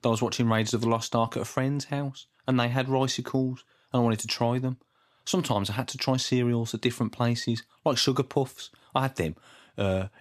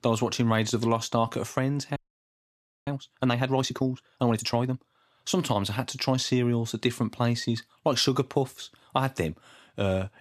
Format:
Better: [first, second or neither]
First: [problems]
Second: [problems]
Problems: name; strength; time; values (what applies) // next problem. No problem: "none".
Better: first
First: none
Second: audio freezing; at 2 s for 1 s